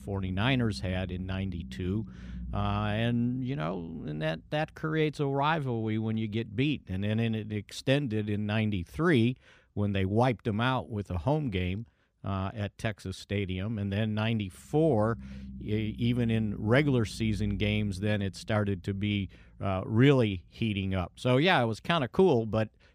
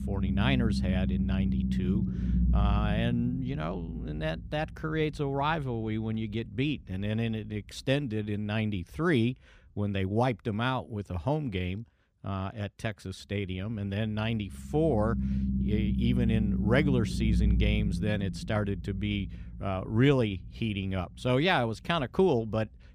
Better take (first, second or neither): first